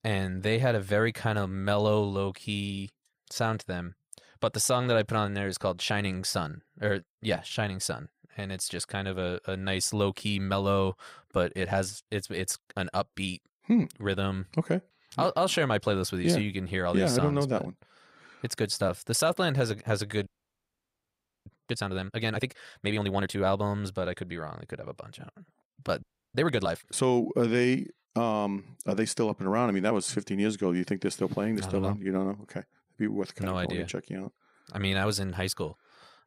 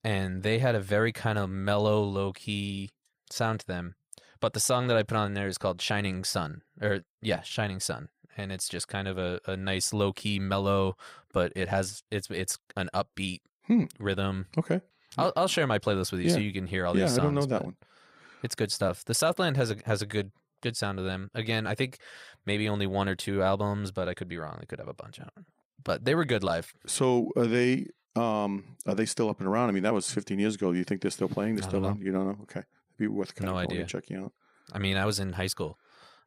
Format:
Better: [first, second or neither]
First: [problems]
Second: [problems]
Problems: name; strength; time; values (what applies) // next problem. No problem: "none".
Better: second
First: audio freezing; at 20 s for 1 s and at 26 s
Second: none